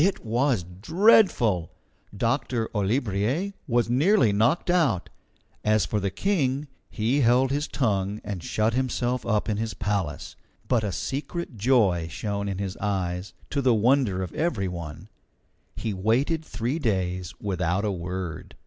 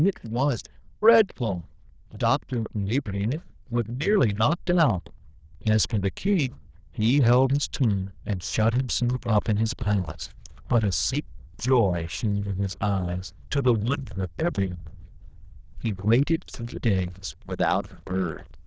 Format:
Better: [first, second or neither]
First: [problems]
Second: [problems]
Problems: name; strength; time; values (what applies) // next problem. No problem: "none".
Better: first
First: none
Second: noise reduction (neural diffusion model UNIVERSE++)